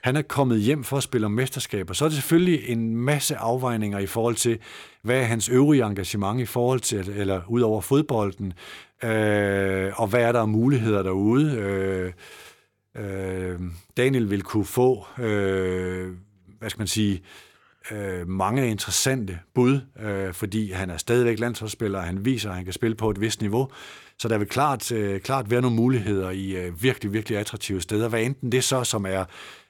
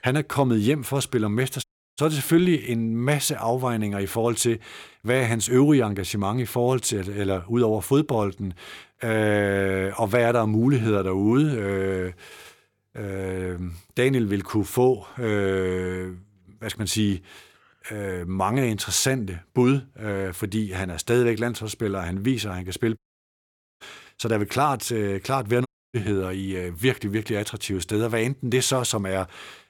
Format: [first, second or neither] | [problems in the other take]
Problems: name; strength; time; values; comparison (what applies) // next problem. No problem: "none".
first | audio cutting out; at 1.5 s, at 23 s for 1 s and at 26 s